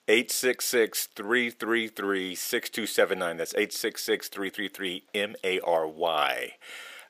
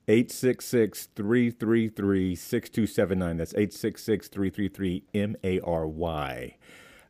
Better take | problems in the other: second | thin; very; fading below 650 Hz

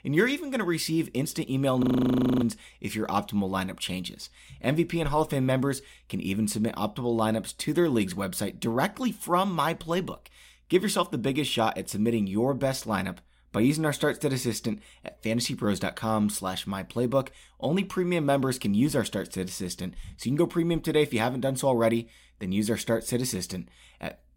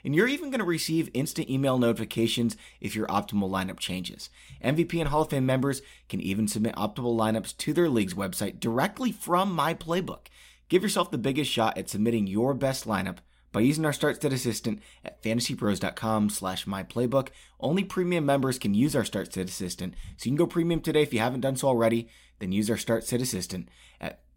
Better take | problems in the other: second | audio freezing; at 2 s for 0.5 s

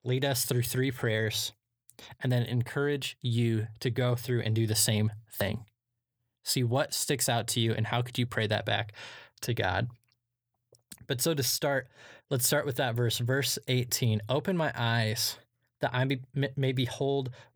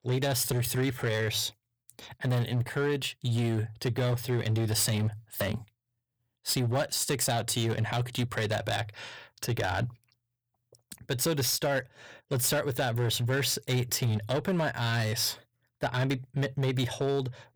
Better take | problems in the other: first | distortion; slight; 9% of the sound clipped

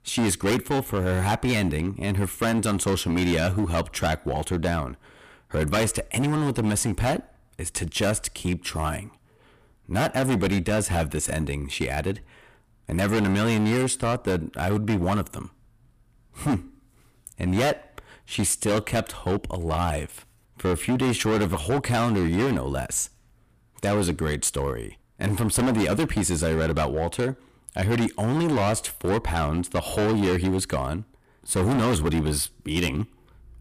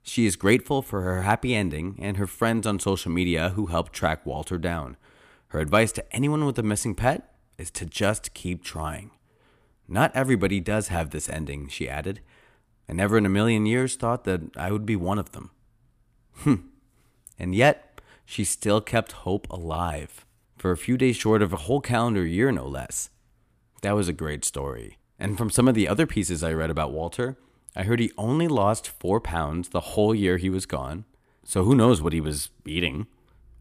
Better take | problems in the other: second | distortion; heavy; 15% of the sound clipped

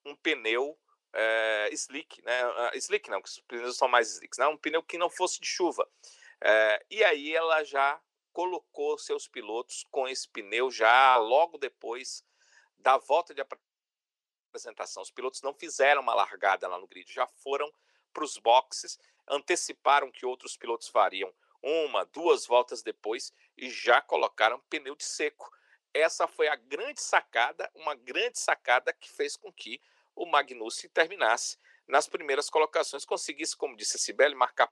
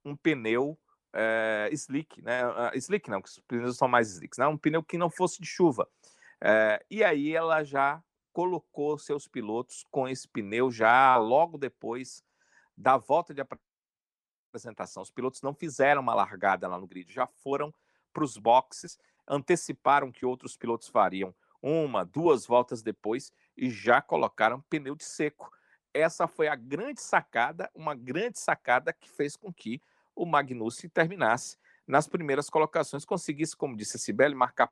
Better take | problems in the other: second | thin; very; fading below 400 Hz

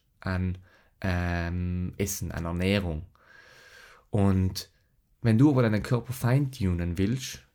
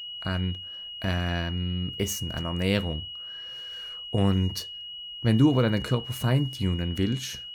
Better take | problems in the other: first | high-pitched whine; loud; throughout; 3 kHz, 9 dB below the speech

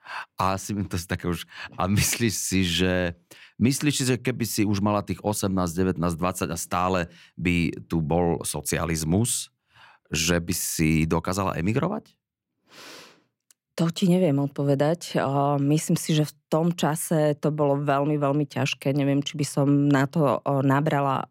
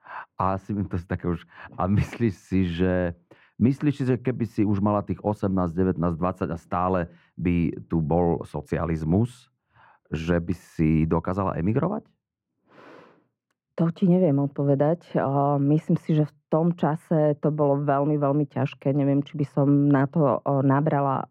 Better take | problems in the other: first | muffled; very; fading above 3 kHz

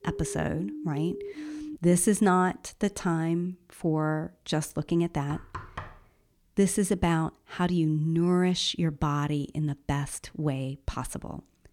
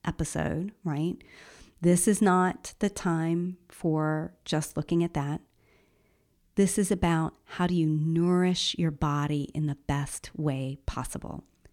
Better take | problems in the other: second | siren; faint; until 2 s; peak 10 dB below the speech // door banging; faint; at 5.5 s; peak 10 dB below the speech

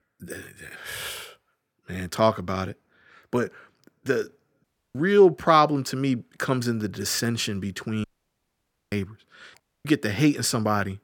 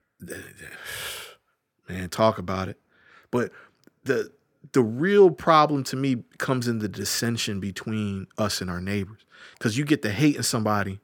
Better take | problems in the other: second | audio cutting out; at 4.5 s, at 8 s for 1 s and at 9.5 s

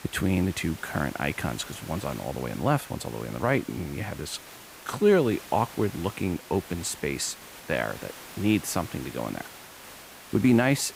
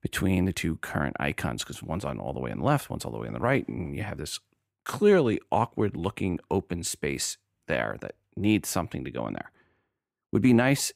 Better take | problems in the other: second | hiss; noticeable; throughout; 15 dB below the speech

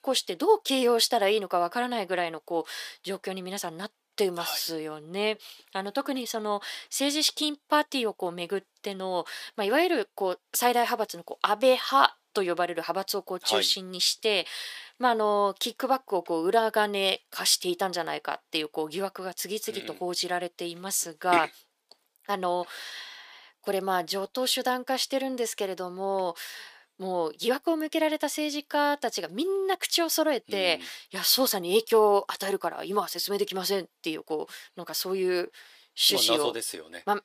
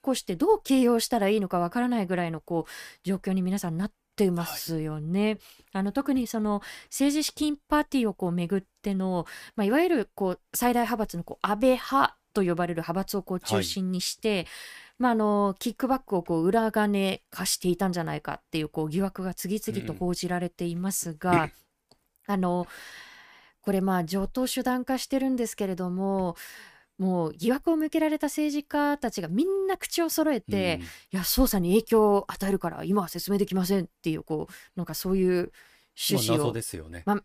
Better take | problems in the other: second | thin; somewhat; fading below 500 Hz

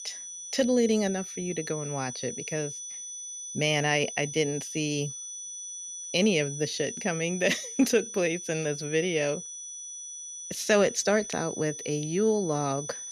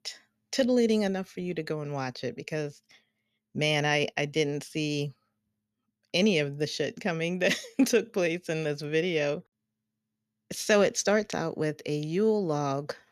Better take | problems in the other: second | high-pitched whine; loud; throughout; 6 kHz, 9 dB below the speech

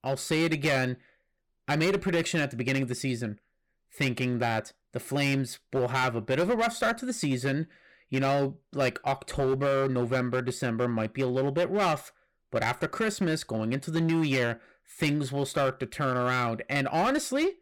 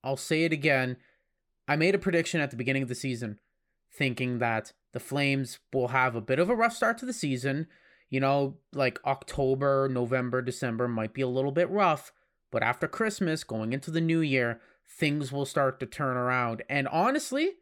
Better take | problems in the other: second | distortion; slight; 8% of the sound clipped

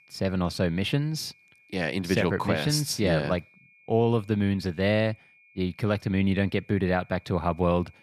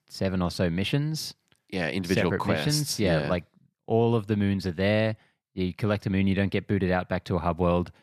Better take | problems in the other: second | high-pitched whine; faint; throughout; 2.5 kHz, 30 dB below the speech

